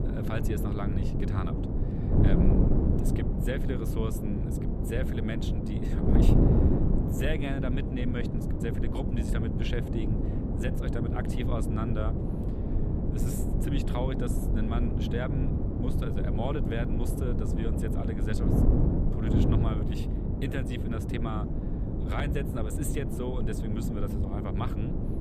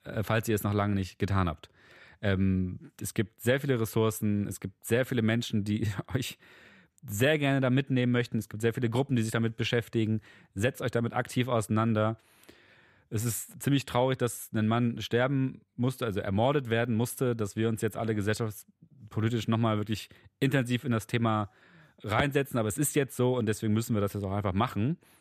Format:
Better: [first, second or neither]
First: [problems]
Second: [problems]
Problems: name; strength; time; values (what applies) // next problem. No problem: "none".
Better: second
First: wind noise on the microphone; heavy; 1 dB above the speech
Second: none